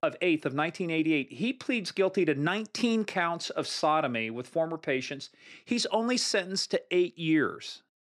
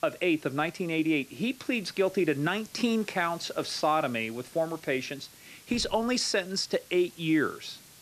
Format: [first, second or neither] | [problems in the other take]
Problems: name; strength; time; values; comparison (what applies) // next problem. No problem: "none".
first | hiss; faint; throughout; 20 dB below the speech